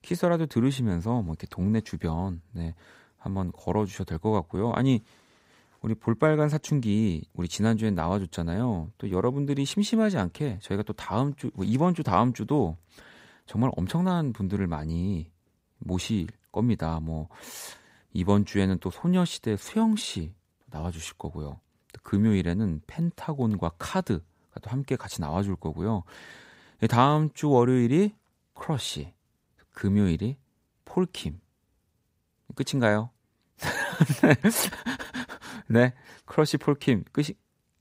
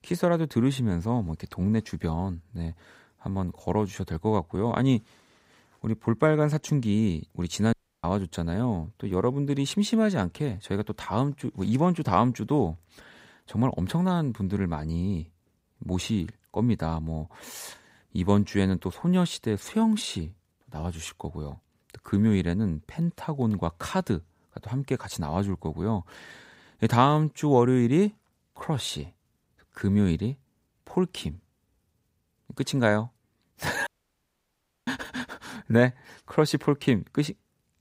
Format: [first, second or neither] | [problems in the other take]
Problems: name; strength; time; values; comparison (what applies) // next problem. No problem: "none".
first | audio cutting out; at 7.5 s and at 34 s for 1 s